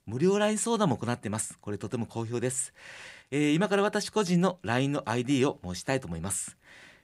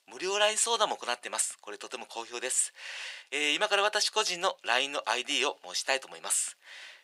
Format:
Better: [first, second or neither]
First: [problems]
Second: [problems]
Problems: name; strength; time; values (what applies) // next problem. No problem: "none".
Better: first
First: none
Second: thin; very; fading below 550 Hz